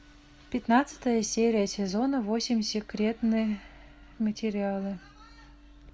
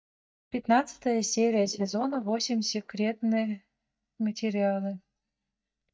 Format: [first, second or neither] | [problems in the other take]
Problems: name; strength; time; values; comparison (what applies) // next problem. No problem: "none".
first | noise reduction (neural mask model DeepFilterNet 3)